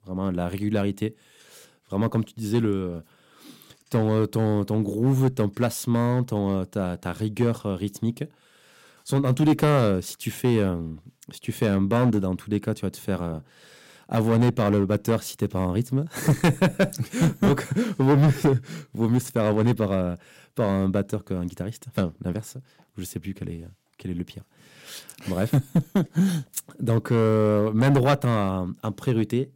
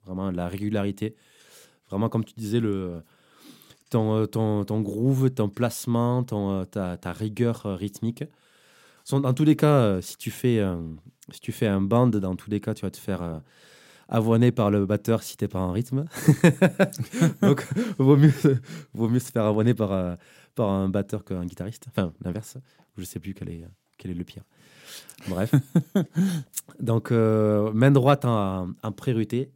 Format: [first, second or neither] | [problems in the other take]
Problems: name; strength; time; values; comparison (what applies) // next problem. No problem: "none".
second | distortion; slight; 4% of the sound clipped